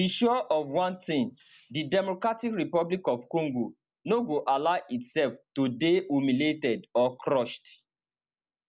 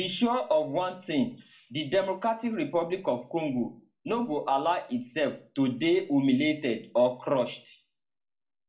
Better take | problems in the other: first | room echo; dies away in 0.3 s

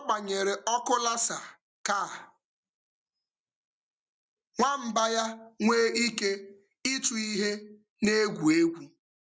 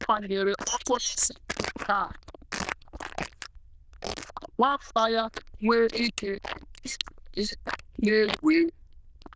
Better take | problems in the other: first | noise reduction (neural diffusion model UNIVERSE++)

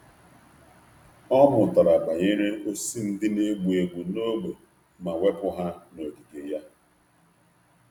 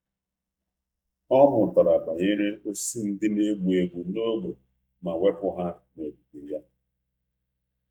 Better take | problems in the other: first | noise reduction (neural mask model DeepFilterNet 3)

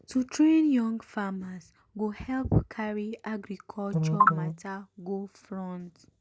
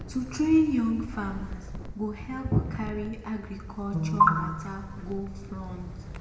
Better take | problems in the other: first | background sound (Wind); 11 dB below the speech // room echo; dies away in 1.6 s

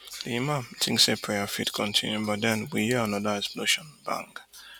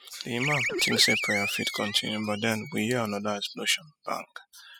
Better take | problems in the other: first | noise reduction (classical method spectral subtraction)

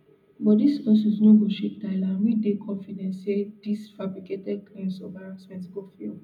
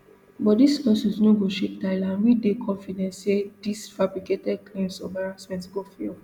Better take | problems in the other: second | room echo; dies away in 0.4 s

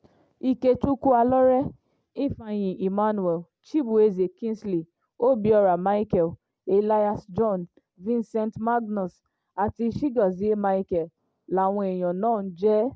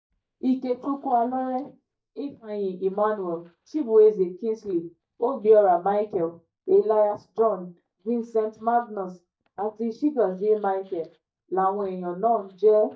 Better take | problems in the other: first | noise reduction (neural mask model DeepFilterNet 3)

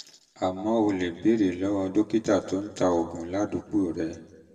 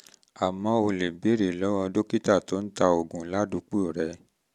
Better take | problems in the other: second | room echo; dies away in 0.9 s

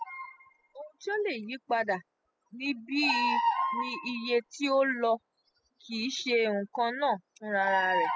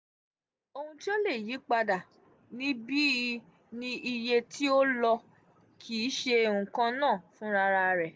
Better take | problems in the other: second | noise reduction (classical method spectral subtraction)

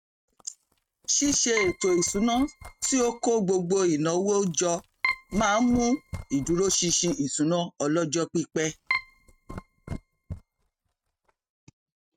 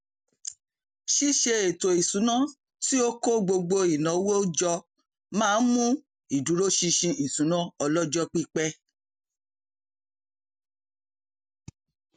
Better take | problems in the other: second | noise reduction (neural mask model RNNoise)

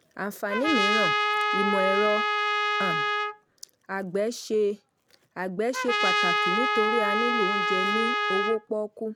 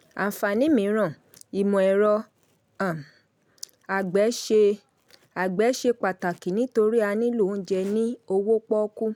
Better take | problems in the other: second | background sound (Trumpet); 4 dB above the speech

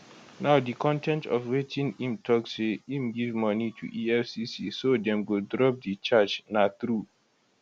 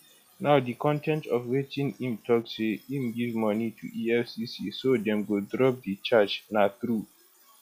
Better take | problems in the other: first | noise reduction (classical method log-MMSE)

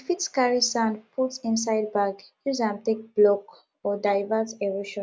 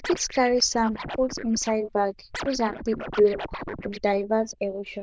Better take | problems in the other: first | noise reduction (neural diffusion model UNIVERSE++)

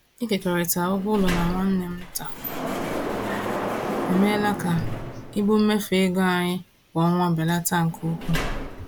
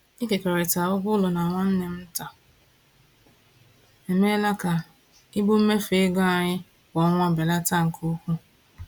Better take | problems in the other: second | background sound (Sliding door); 6 dB below the speech

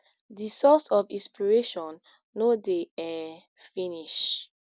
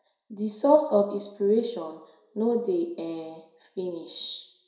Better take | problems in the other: first | room echo; dies away in 0.6 s

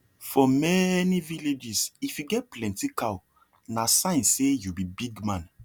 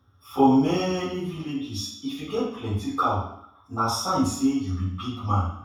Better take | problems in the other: first | room echo; dies away in 0.7 s

